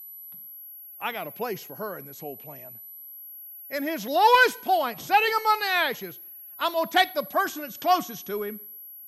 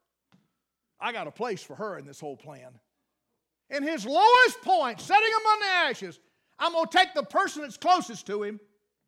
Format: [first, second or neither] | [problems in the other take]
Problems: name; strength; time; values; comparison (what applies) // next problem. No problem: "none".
second | high-pitched whine; noticeable; throughout; 11.5 kHz, 15 dB below the speech